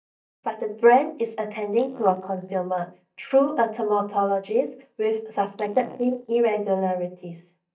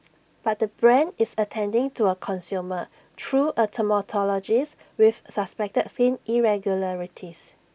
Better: second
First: noise reduction (neural mask model DeepFilterNet 3)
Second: none

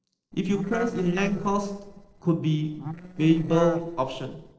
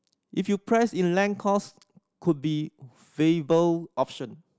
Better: second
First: noise reduction (neural separator model SepFormer DNS4)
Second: none

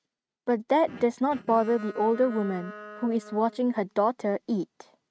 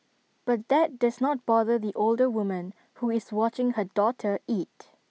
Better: second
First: noise reduction (neural mask model RNNoise)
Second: none

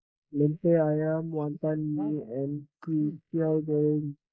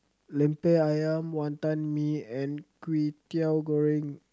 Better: second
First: noise reduction (neural mask model Resemble Enhance denoiser)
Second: none

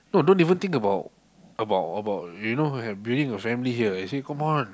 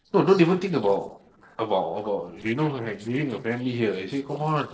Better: first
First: none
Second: noise reduction (neural separator model SepFormer DNS4)

